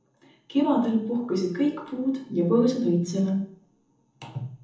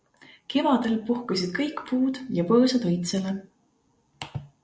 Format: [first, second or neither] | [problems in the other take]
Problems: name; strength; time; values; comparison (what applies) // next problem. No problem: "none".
second | room echo; dies away in 0.6 s